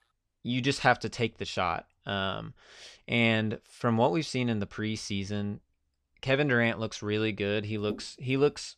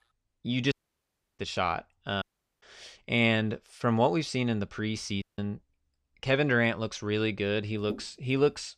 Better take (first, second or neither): first